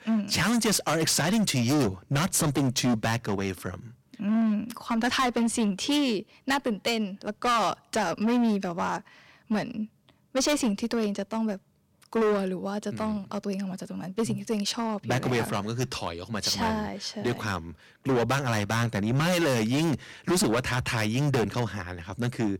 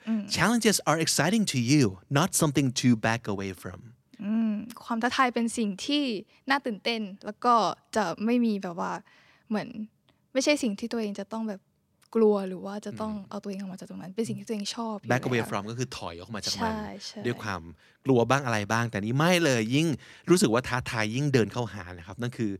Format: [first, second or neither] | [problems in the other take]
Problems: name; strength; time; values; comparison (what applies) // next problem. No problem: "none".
second | distortion; heavy; 13% of the sound clipped